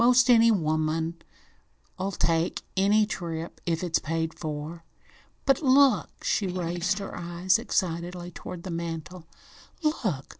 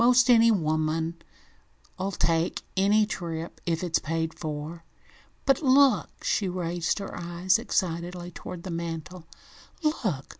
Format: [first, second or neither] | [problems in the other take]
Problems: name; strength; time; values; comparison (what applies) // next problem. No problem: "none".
second | noise reduction (neural separator model SepFormer DNS4)